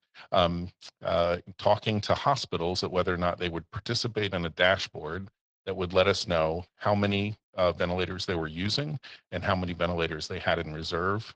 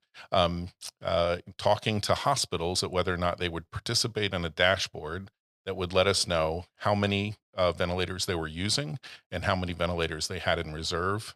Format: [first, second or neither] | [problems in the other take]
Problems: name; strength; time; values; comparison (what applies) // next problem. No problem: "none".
second | garbled, watery; slightly